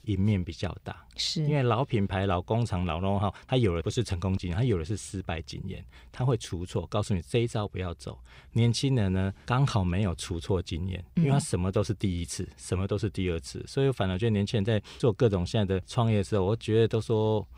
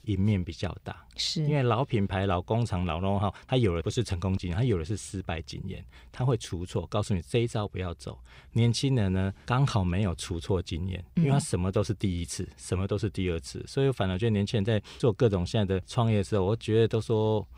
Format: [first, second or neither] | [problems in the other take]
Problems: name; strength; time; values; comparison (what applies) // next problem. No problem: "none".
neither | none